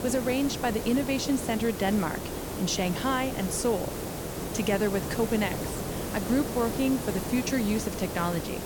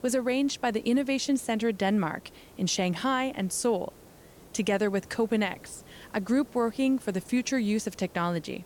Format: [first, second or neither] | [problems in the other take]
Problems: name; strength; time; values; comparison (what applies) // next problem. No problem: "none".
second | hiss; loud; throughout; 5 dB below the speech; faint in the second